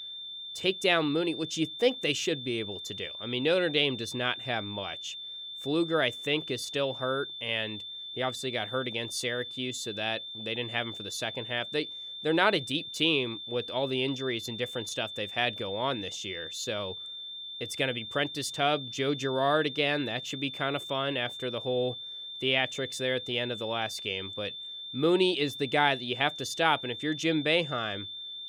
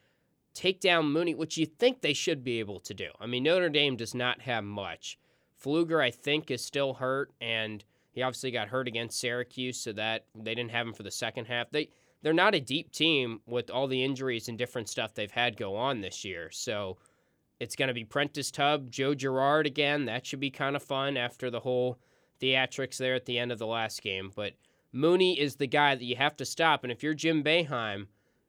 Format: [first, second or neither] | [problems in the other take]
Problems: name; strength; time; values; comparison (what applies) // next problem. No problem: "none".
second | high-pitched whine; loud; throughout; 3.5 kHz, 8 dB below the speech